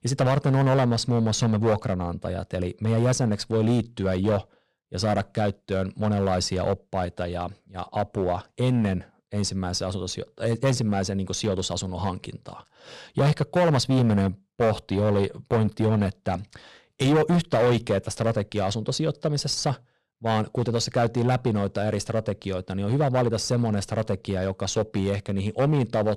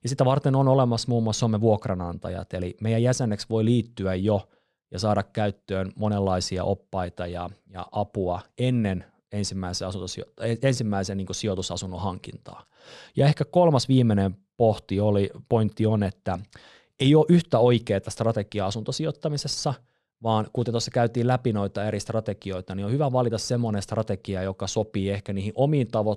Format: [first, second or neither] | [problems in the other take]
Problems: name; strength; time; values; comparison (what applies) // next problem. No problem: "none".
second | distortion; slight; 7% of the sound clipped